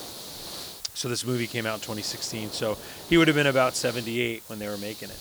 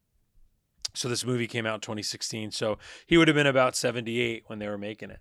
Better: second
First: hiss; noticeable; throughout; 10 dB below the speech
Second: none

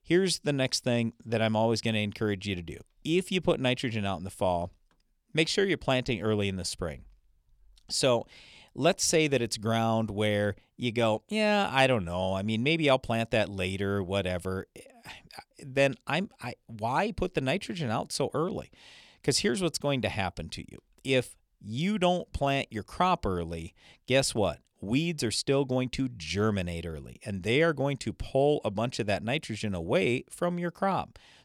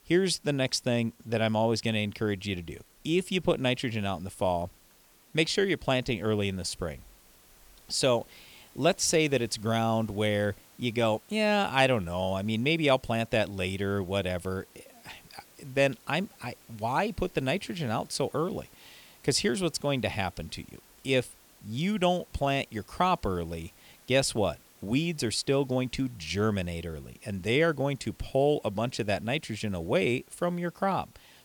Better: first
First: none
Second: hiss; faint; throughout; 25 dB below the speech

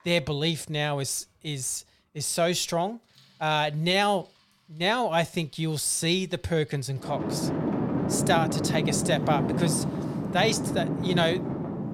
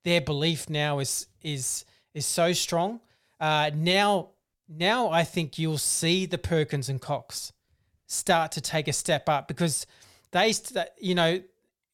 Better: second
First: traffic noise; loud; throughout; 2 dB below the speech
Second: none

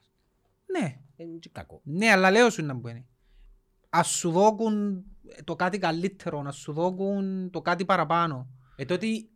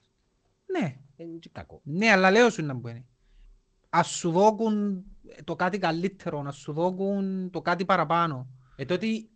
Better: first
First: none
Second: garbled, watery; slightly; nothing above 8 kHz

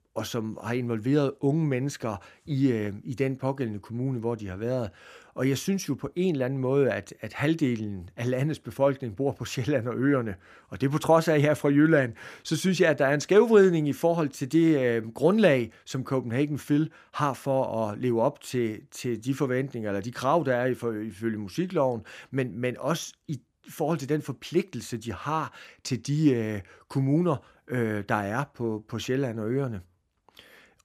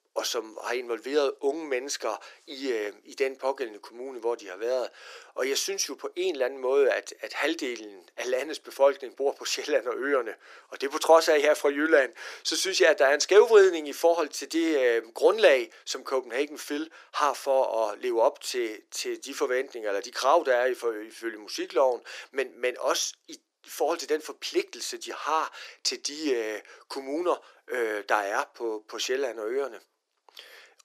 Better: first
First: none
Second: thin; very; fading below 350 Hz

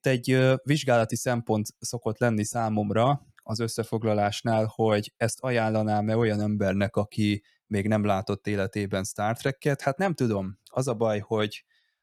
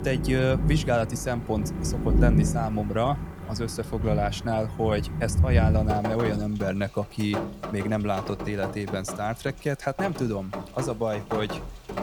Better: first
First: none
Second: rain or running water; loud; throughout; 1 dB below the speech

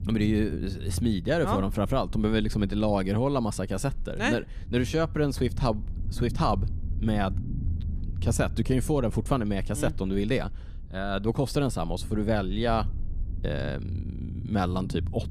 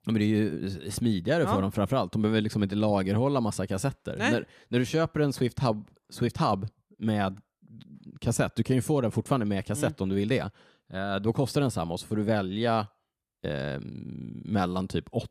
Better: second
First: low rumble; faint; throughout; 20 dB below the speech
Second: none

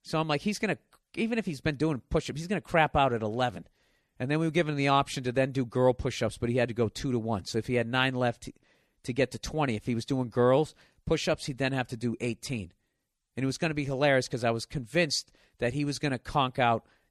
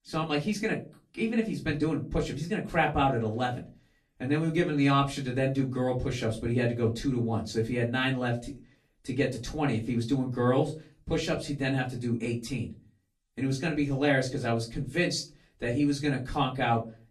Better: first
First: none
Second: off-mic speech; far // room echo; very slight; dies away in 0.3 s

